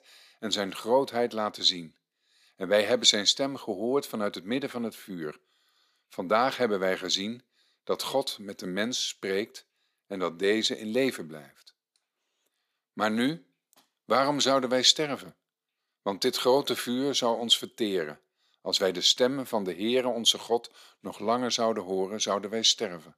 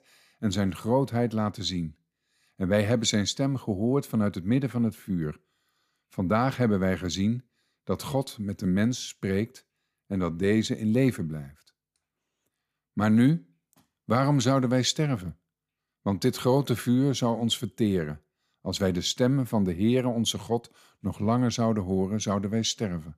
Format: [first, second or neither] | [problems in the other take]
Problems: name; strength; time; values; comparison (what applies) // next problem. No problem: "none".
second | thin; somewhat; fading below 450 Hz